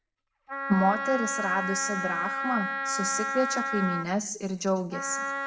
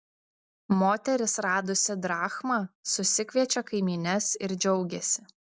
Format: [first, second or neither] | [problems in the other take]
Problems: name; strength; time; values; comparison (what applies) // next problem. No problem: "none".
second | background sound (Wind instrument, woodwind instrument); 3 dB below the speech // room echo; dies away in 0.8 s